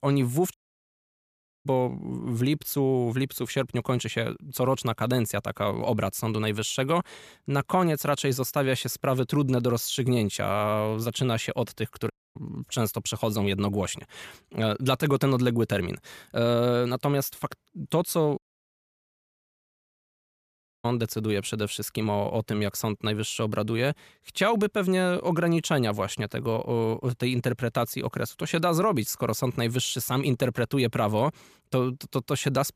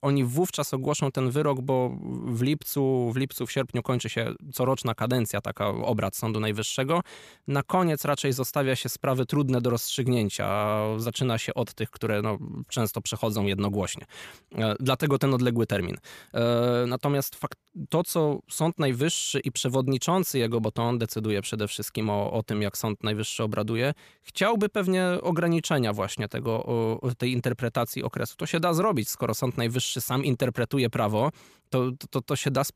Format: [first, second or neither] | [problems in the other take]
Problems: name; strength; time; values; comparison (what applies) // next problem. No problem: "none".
second | audio cutting out; at 0.5 s for 1 s, at 12 s and at 18 s for 2.5 s